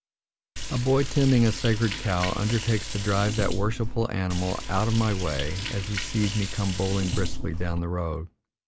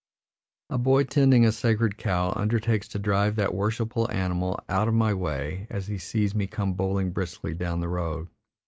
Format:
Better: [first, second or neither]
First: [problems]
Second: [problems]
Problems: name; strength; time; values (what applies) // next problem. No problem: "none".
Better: second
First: background sound (Liquid); 4 dB below the speech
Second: none